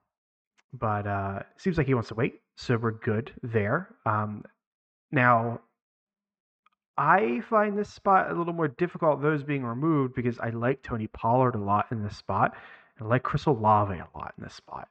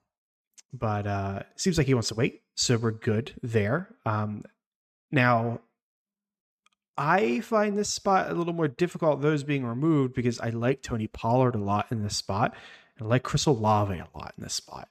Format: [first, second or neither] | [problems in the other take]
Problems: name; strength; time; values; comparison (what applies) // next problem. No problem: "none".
second | muffled; very; fading above 2 kHz